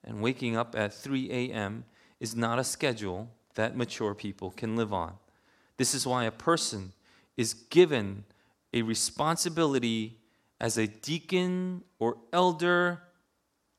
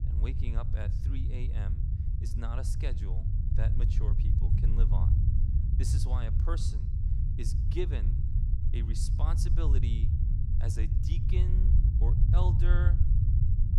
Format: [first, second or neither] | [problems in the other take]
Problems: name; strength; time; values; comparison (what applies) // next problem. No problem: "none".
first | low rumble; loud; throughout; 1 dB below the speech